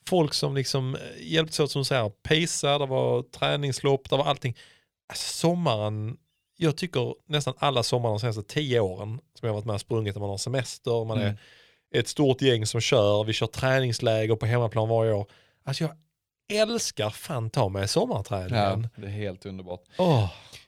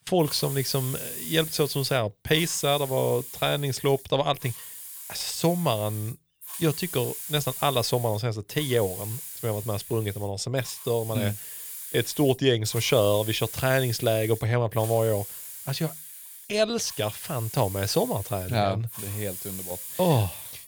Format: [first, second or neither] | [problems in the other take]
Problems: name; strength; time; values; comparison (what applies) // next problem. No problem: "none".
first | hiss; loud; throughout; 10 dB below the speech